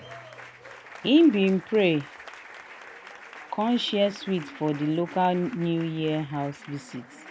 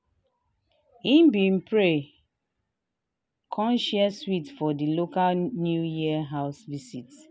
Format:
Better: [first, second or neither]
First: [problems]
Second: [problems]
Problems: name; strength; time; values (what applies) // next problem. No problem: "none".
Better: second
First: background sound (Applause); 18 dB below the speech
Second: none